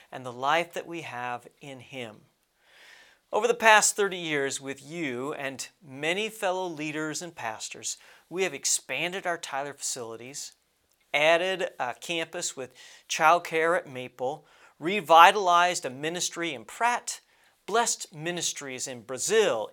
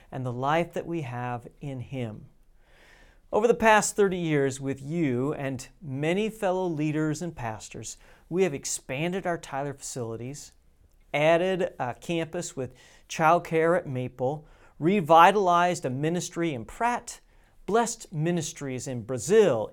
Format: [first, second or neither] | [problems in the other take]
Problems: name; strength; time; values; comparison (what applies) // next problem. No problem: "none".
second | thin; somewhat; fading below 1 kHz